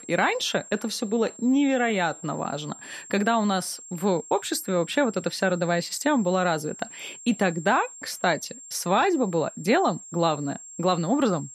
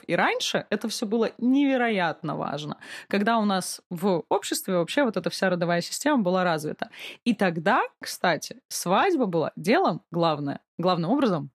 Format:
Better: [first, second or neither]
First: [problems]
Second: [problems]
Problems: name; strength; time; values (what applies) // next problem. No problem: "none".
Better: second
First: high-pitched whine; noticeable; throughout; 7.5 kHz, 15 dB below the speech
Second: none